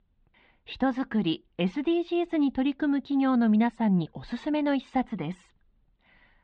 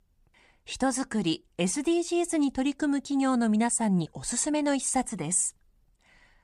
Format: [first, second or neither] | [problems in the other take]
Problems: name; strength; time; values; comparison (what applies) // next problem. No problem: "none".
second | muffled; very; fading above 3.5 kHz